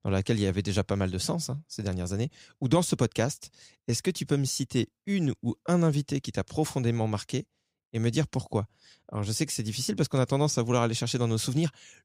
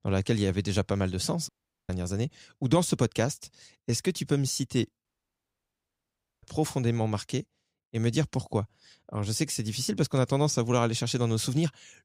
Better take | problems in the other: first | audio cutting out; at 1.5 s and at 5 s for 1.5 s

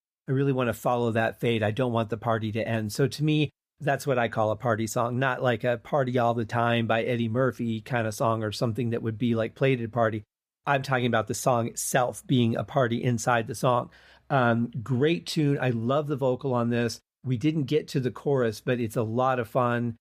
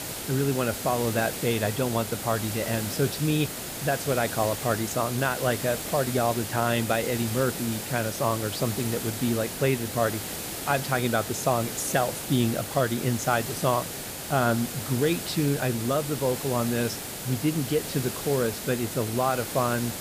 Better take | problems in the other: first | hiss; loud; throughout; 5 dB below the speech

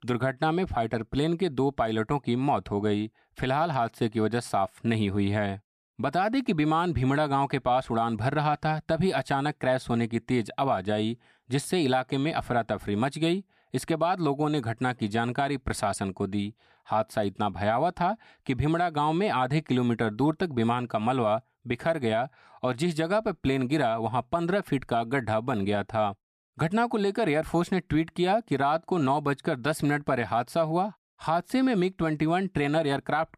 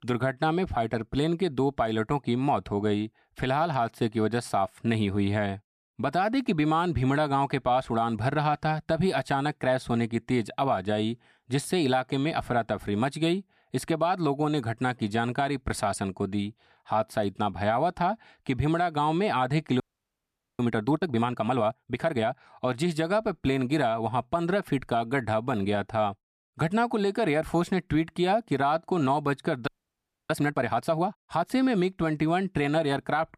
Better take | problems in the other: first | audio freezing; at 20 s for 1 s and at 30 s for 0.5 s

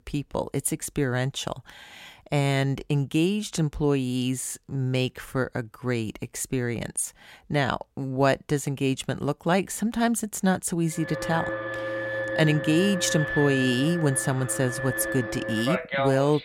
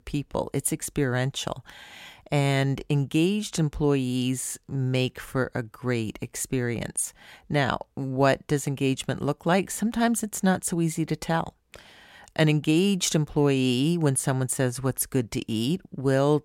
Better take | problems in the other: second | alarms or sirens; loud; from 11 s on; 4 dB below the speech

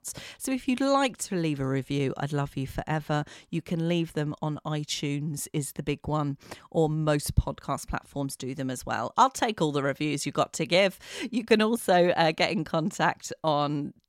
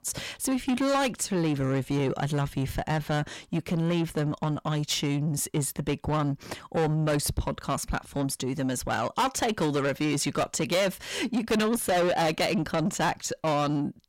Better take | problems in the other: first | distortion; heavy; 6 dB below the speech

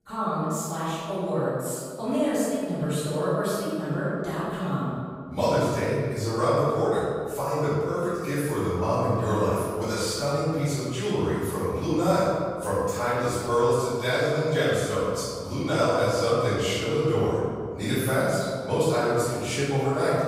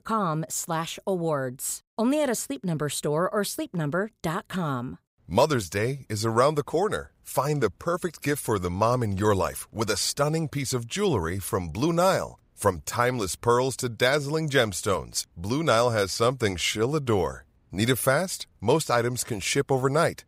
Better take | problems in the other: second | room echo; strong; dies away in 1.8 s // off-mic speech; far

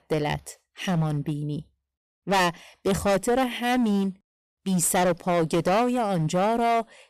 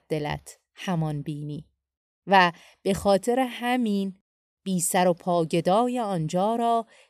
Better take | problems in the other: second | distortion; heavy; 13% of the sound clipped

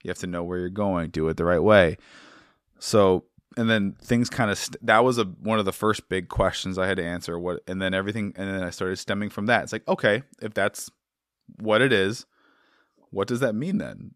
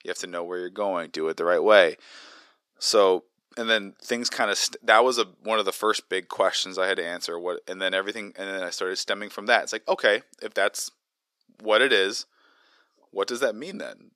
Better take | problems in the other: first | thin; somewhat; fading below 350 Hz

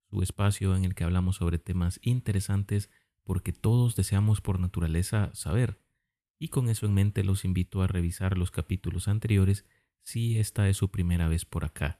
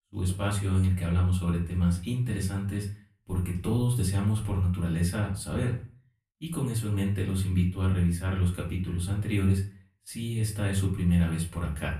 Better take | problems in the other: first | off-mic speech; far // room echo; slight; dies away in 0.3 s

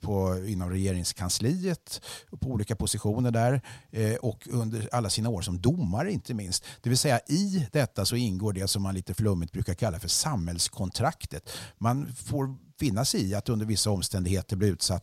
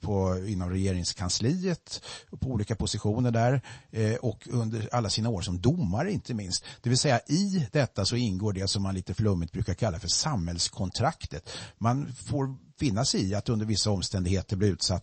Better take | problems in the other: first | garbled, watery; slightly; nothing above 8 kHz

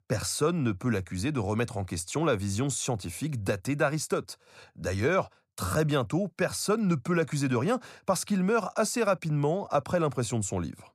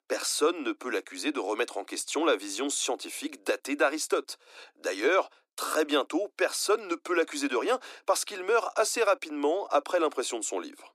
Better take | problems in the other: first | thin; somewhat; fading below 300 Hz

